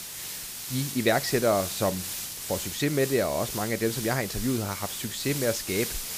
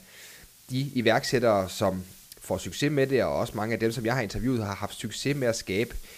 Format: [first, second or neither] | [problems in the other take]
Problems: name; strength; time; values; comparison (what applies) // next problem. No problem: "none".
second | hiss; loud; throughout; 5 dB below the speech; faint in the second